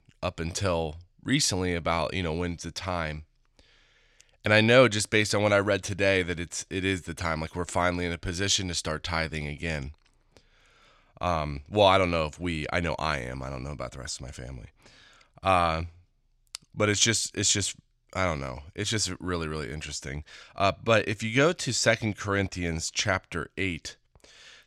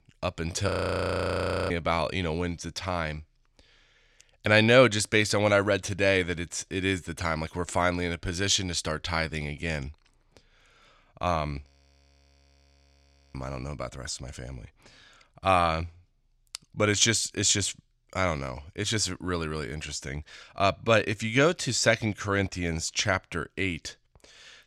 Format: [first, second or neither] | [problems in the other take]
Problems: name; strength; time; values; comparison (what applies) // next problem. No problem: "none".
first | audio freezing; at 0.5 s for 1 s and at 12 s for 1.5 s